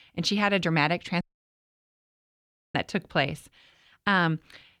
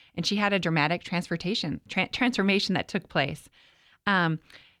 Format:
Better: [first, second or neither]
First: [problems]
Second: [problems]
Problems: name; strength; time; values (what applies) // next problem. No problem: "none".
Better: second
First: audio cutting out; at 1 s for 1.5 s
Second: none